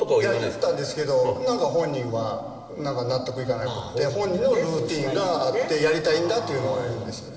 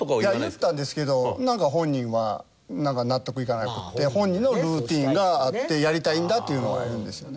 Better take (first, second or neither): second